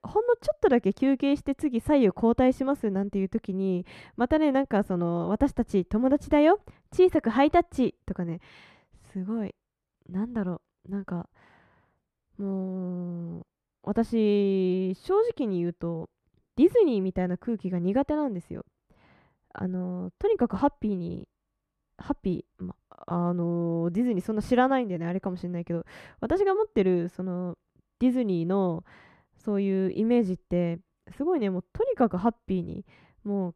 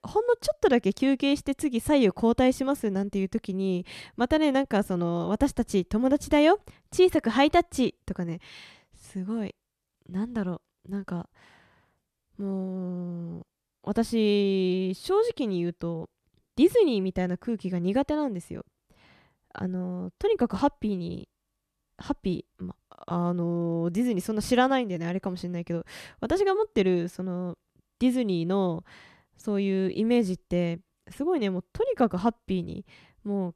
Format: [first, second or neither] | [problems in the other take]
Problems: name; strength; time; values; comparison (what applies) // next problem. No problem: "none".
second | muffled; slightly; fading above 2.5 kHz